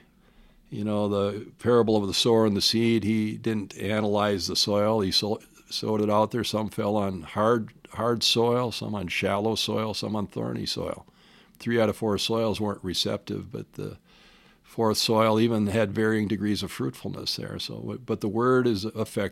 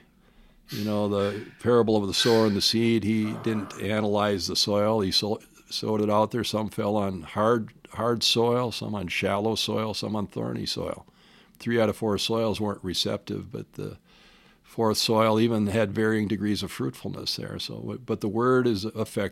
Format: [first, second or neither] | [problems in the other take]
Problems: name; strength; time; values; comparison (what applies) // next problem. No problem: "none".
first | dog barking; noticeable; from 0.5 to 4 s; peak 6 dB below the speech